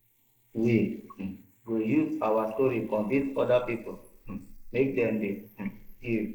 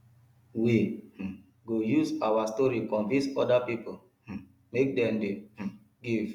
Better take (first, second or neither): second